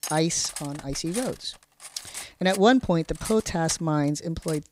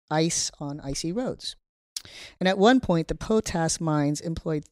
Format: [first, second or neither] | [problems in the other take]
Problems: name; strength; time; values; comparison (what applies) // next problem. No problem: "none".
second | clattering dishes; noticeable; peak 9 dB below the speech